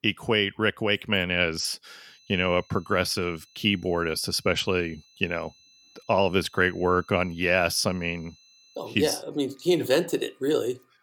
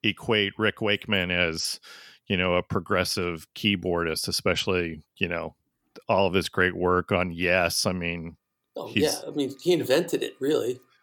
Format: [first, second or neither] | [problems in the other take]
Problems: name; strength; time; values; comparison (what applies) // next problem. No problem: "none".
second | high-pitched whine; faint; from 2 to 9 s; 4 kHz, 30 dB below the speech